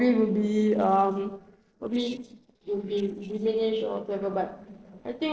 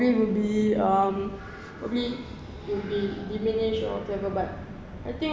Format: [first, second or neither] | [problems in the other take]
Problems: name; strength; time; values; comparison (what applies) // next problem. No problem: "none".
second | noise reduction (neural separator model SepFormer DNS4)